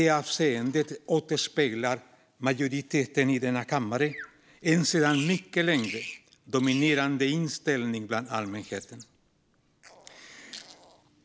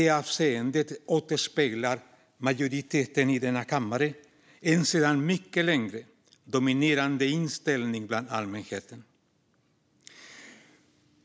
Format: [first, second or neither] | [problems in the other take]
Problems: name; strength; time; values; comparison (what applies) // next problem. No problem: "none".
second | background sound (Bird vocalization, bird call, bird song); 18 dB below the speech